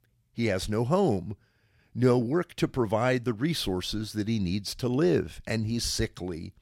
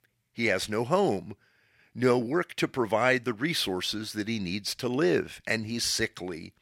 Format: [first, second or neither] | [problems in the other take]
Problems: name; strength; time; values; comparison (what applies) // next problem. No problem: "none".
first | thin; very slightly; fading below 350 Hz